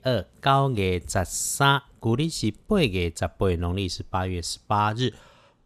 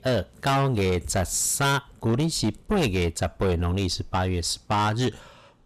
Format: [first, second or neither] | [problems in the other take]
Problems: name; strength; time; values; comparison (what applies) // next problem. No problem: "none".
first | distortion; heavy; 7 dB below the speech